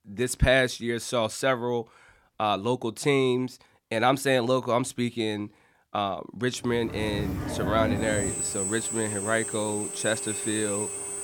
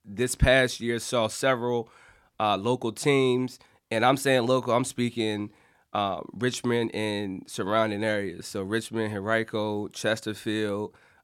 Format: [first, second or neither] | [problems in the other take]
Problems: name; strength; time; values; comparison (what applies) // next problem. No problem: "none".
second | machinery noise; loud; from 7 s on; 3 dB below the speech